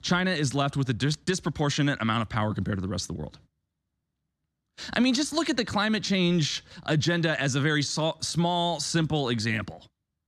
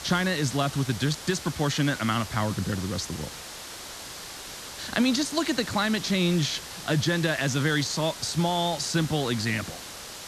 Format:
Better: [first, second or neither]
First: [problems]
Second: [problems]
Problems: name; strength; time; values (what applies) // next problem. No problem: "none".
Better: first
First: none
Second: hiss; noticeable; throughout; 10 dB below the speech